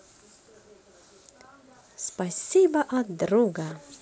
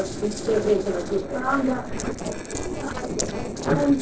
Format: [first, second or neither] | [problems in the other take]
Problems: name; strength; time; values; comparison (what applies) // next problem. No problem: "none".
first | noise reduction (neural separator model SepFormer DNS4)